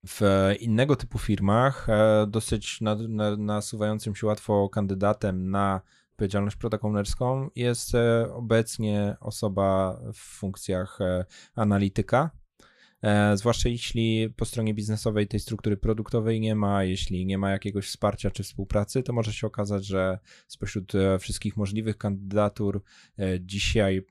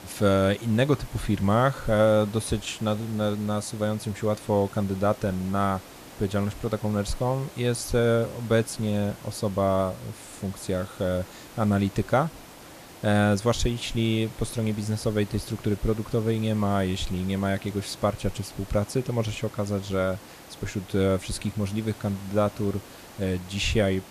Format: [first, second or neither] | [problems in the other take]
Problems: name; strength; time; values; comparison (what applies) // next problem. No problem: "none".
first | hiss; noticeable; throughout; 20 dB below the speech